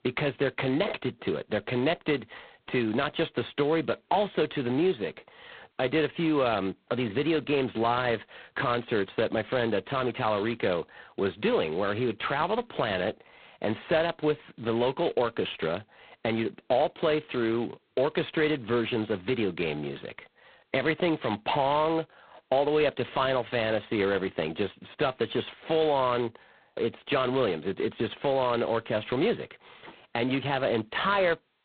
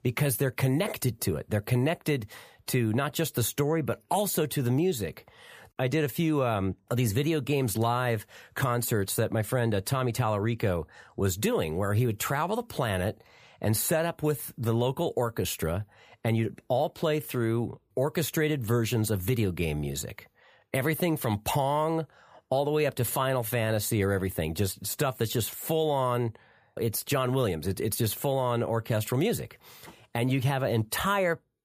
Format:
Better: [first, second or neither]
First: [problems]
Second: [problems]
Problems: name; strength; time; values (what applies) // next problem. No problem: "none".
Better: second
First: phone-call audio; poor line; nothing above 4 kHz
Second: none